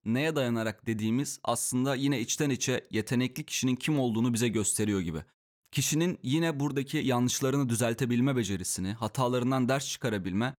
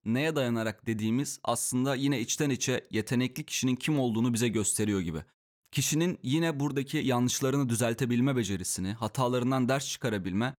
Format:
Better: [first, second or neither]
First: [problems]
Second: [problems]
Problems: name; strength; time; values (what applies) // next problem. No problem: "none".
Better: neither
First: none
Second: none